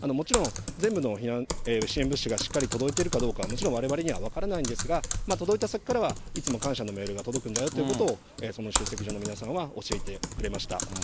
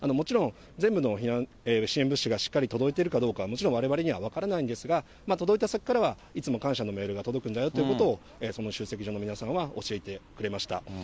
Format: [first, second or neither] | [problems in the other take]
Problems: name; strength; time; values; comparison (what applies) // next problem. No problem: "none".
second | background sound (Typing); 4 dB below the speech